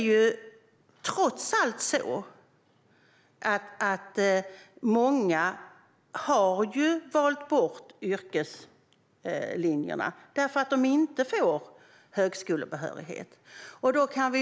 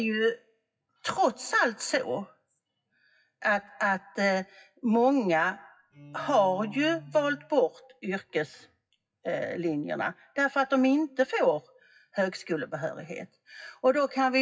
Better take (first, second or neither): first